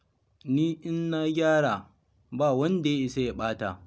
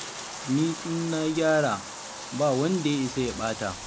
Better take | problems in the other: first | background sound (Bathtub (filling or washing)); 11 dB below the speech

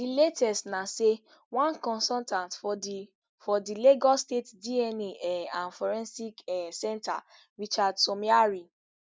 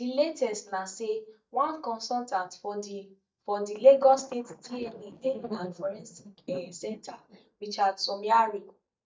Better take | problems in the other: first | noise reduction (neural mask model DeepFilterNet 3)

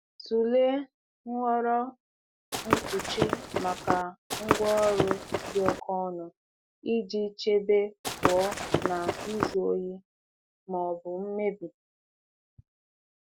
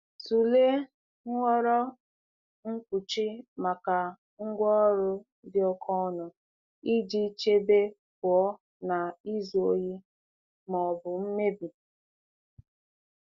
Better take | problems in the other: second | background sound (Walk, footsteps / Run); as loud as the speech

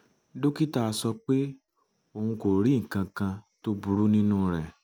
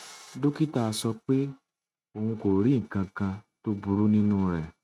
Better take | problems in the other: first | noise reduction (neural mask model RNNoise)

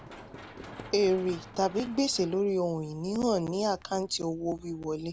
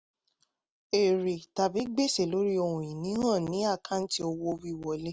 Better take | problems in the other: second | background sound (Run); 19 dB below the speech

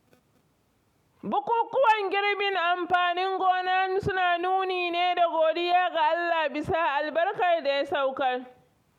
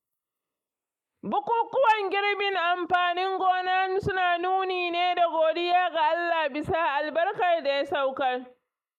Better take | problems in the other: first | noise reduction (neural mask model Resemble Enhance denoiser)

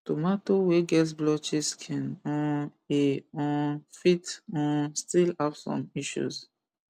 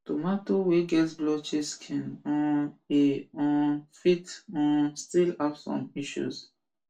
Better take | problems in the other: first | room echo; dies away in 0.2 s

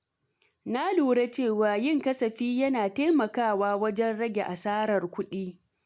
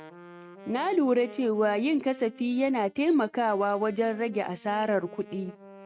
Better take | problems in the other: first | noise reduction (neural mask model RNNoise)

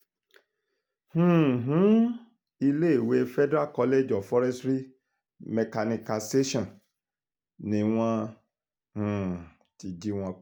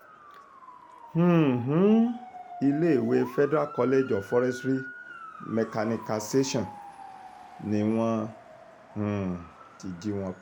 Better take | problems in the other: first | background sound (Motor vehicle (road) / Siren); 17 dB below the speech

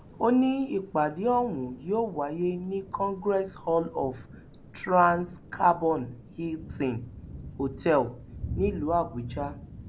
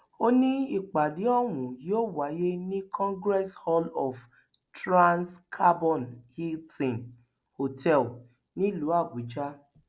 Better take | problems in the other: second | background sound (Thunder / Rain); 14 dB below the speech

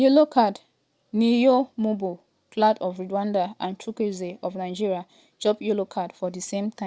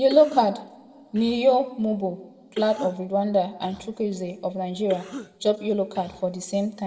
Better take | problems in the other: first | background sound (Cough); 18 dB below the speech // room echo; dies away in 1.3 s

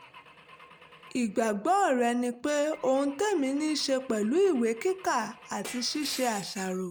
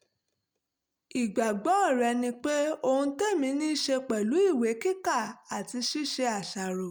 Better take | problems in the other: second | background sound (Glass / Engine / Car); 20 dB below the speech

